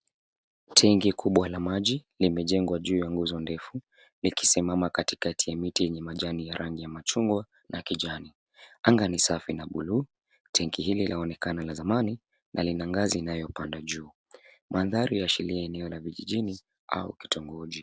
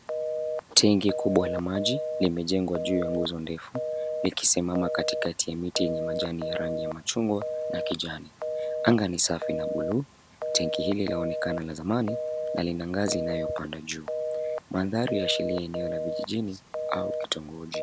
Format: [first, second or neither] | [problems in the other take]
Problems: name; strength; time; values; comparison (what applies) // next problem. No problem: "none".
first | background sound (Telephone); 4 dB below the speech